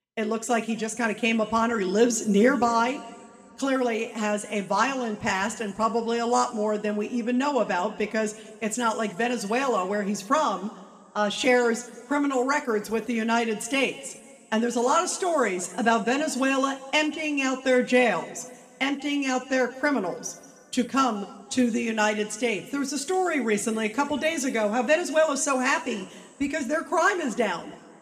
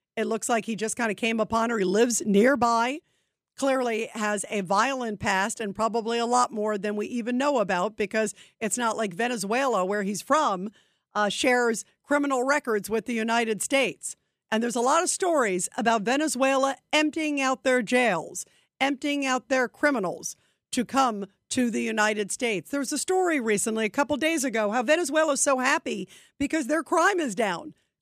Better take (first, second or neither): second